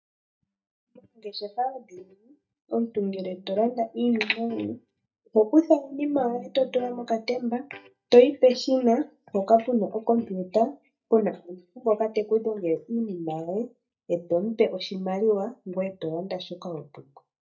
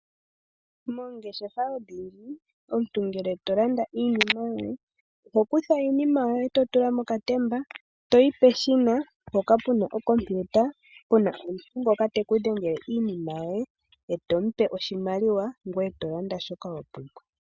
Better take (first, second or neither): second